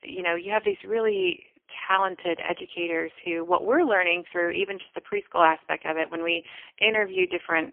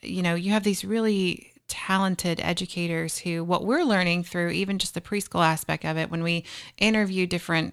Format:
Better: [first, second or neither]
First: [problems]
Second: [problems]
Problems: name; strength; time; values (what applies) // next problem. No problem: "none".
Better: second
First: phone-call audio; poor line; nothing above 3 kHz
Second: none